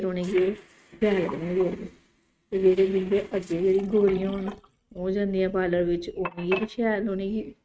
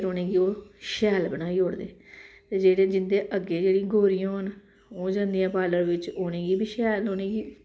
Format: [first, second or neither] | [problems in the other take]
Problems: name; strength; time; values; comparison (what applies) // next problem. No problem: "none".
second | noise reduction (neural mask model RNNoise)